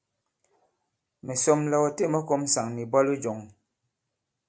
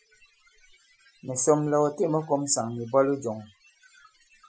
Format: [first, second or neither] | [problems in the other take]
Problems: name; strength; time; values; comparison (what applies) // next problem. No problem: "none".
first | noise reduction (classical method Wiener filter)